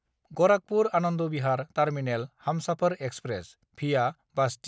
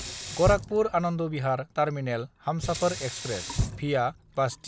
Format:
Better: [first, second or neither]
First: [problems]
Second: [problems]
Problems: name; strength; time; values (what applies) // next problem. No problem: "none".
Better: first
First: none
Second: background sound (Sink (filling or washing)); 7 dB below the speech